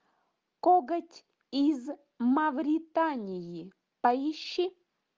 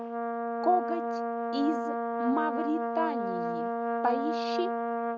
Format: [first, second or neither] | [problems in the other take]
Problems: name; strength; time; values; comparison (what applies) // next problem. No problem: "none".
first | background sound (Brass instrument); 1 dB above the speech